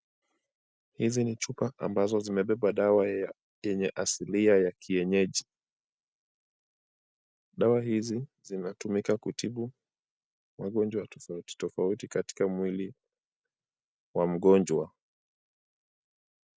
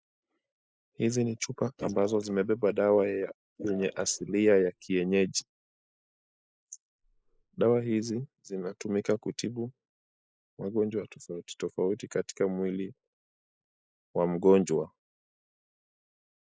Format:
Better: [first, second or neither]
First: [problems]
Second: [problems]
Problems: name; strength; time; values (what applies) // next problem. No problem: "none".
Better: first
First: none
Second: noise reduction (neural mask model Resemble Enhance denoiser)